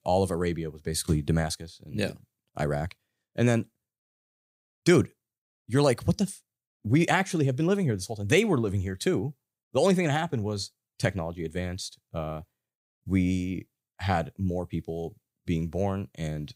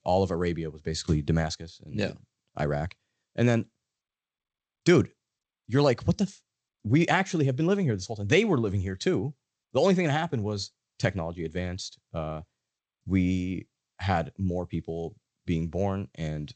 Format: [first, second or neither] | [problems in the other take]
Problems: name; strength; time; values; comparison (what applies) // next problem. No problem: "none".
first | garbled, watery; slightly; nothing above 8 kHz